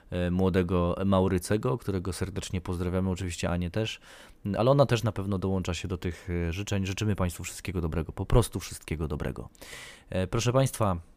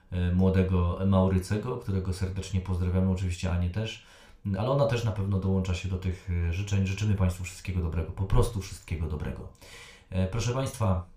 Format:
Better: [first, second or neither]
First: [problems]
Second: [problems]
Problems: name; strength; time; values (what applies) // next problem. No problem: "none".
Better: first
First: none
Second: room echo; very slight; dies away in 0.3 s // off-mic speech; somewhat distant